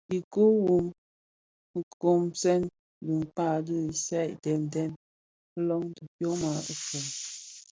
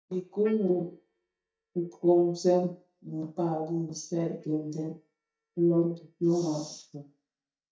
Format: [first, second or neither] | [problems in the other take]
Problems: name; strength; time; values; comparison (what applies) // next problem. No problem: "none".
first | noise reduction (neural mask model DeepFilterNet 3)